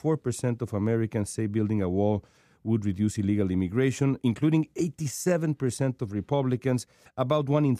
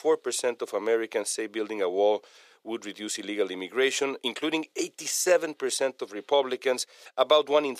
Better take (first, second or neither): first